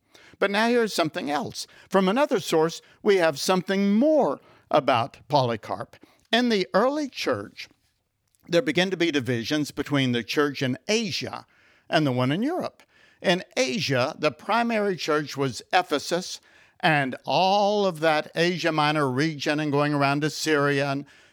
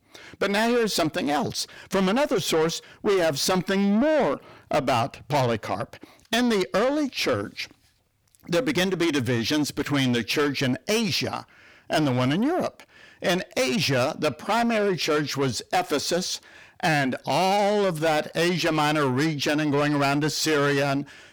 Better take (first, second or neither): first